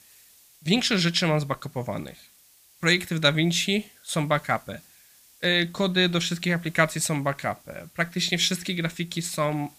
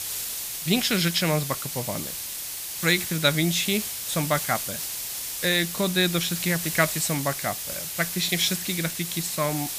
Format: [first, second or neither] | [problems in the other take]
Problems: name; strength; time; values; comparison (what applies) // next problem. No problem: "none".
first | hiss; loud; throughout; 4 dB below the speech; faint in the first